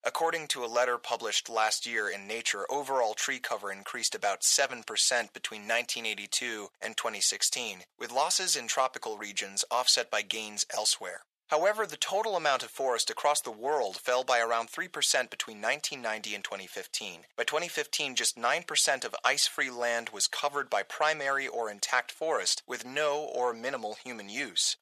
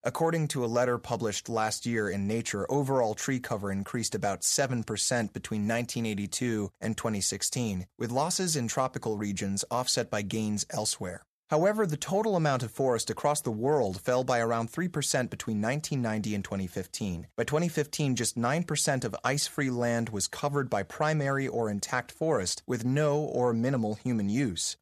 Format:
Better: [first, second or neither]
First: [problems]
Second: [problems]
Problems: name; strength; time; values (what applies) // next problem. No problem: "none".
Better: second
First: thin; very; fading below 700 Hz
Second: none